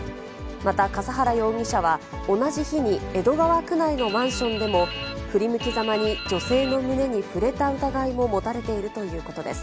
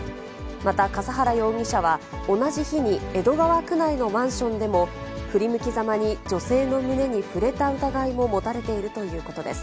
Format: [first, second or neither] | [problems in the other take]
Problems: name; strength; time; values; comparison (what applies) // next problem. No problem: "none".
second | background sound (Drip); 11 dB below the speech